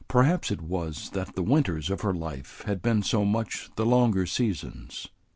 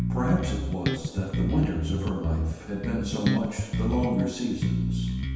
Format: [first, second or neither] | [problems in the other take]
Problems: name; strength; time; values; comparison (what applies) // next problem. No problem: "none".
first | background sound (Bass guitar); 1 dB above the speech // room echo; dies away in 1.2 s